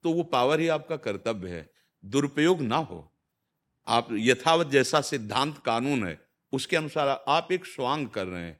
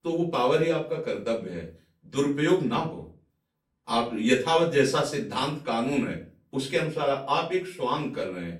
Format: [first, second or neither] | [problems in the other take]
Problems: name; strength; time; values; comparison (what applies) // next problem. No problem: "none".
first | off-mic speech; far // room echo; slight; dies away in 0.3 s